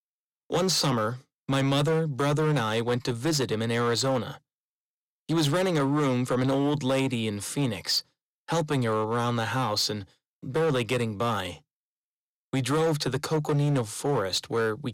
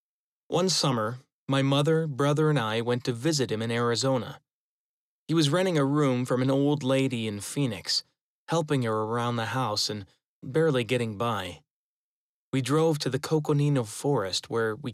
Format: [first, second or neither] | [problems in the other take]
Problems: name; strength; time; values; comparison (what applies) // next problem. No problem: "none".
second | distortion; slight; 11% of the sound clipped